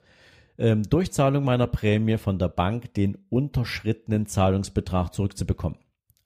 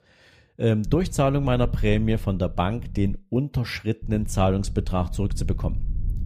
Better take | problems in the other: first | low rumble; faint; from 1 to 3 s and from 4 s on; 20 dB below the speech

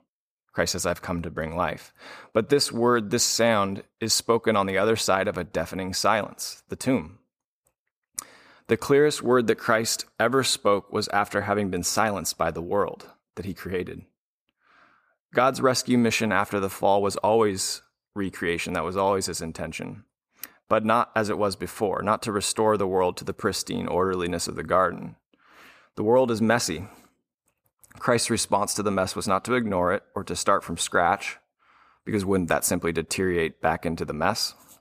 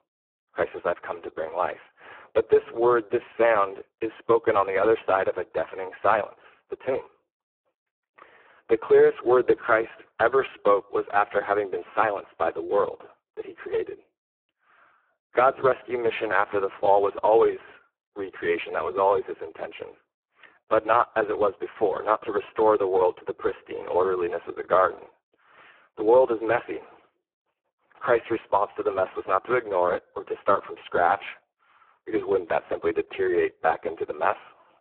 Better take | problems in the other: first | phone-call audio; poor line; nothing above 3.5 kHz

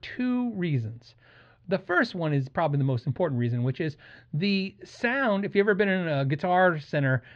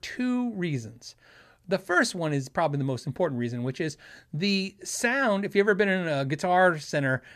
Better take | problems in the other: second | muffled; very slightly; fading above 3.5 kHz

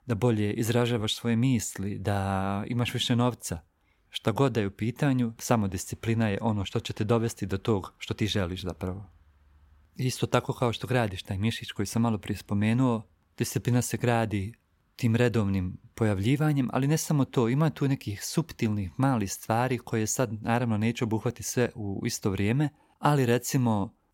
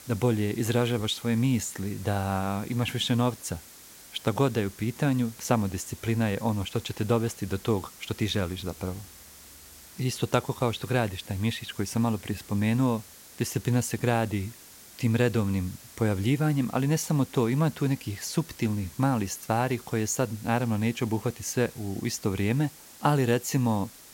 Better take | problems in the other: first | hiss; noticeable; throughout; 20 dB below the speech

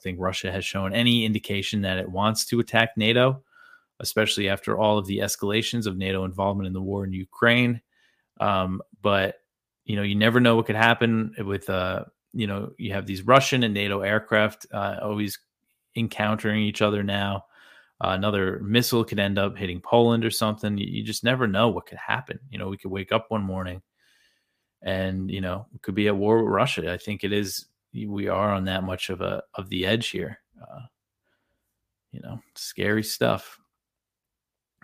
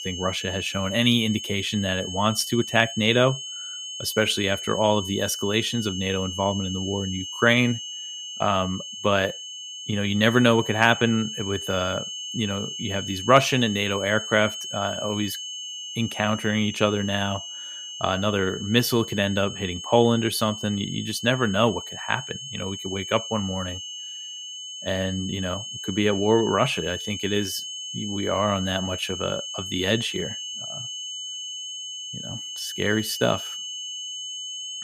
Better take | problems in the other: first | high-pitched whine; loud; throughout; 3 kHz, 8 dB below the speech

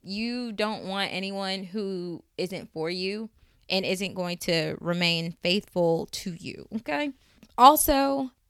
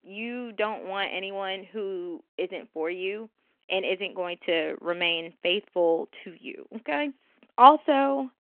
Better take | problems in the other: first | phone-call audio

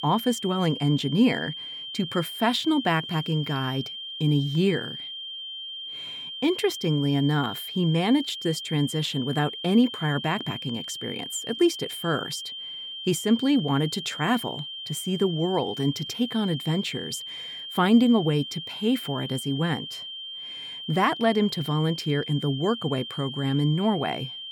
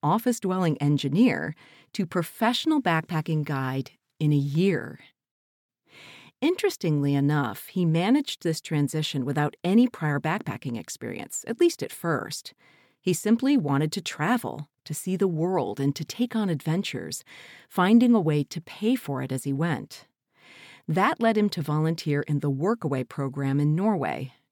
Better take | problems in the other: second | high-pitched whine; loud; throughout; 3 kHz, 8 dB below the speech

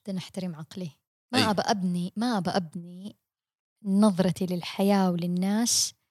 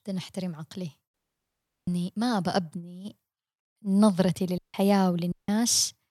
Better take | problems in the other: first | audio cutting out; at 1 s for 0.5 s, at 4.5 s and at 5.5 s

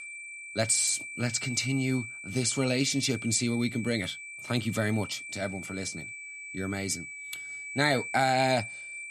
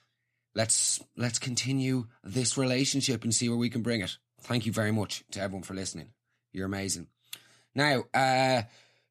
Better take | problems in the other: second | high-pitched whine; loud; throughout; 2.5 kHz, 9 dB below the speech

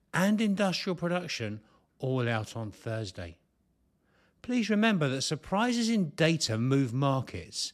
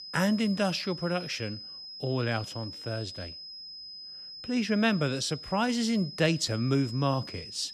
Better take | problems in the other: first | high-pitched whine; noticeable; throughout; 5 kHz, 10 dB below the speech

